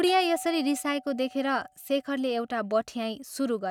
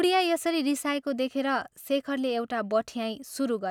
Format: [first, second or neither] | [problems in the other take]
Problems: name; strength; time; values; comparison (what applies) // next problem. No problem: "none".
second | noise reduction (neural mask model RNNoise)